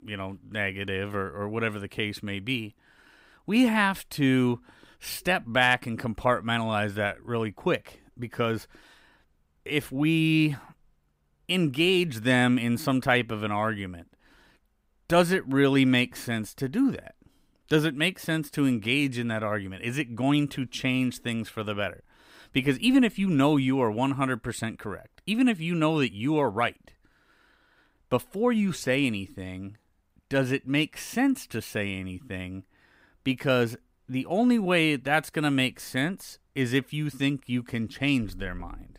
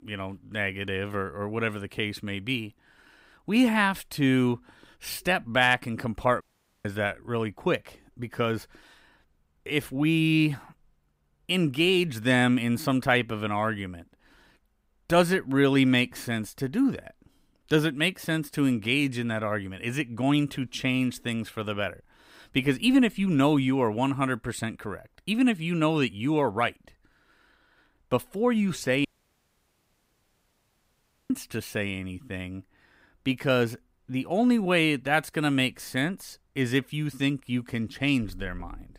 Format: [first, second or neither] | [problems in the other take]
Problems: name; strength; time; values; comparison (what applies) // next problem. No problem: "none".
first | audio cutting out; at 6.5 s and at 29 s for 2.5 s